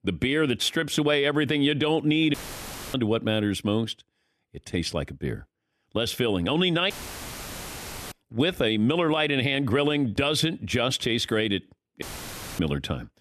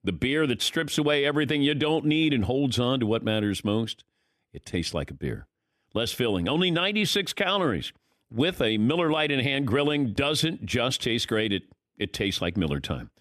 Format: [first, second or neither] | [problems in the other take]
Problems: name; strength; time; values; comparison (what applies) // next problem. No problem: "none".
second | audio cutting out; filled with static; at 2.5 s for 0.5 s, at 7 s for 1 s and at 12 s for 0.5 s